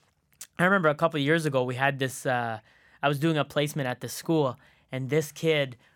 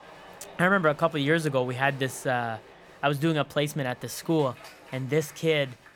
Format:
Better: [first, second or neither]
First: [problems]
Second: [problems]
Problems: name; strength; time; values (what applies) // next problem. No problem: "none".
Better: first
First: none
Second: crowd noise; faint; throughout; 20 dB below the speech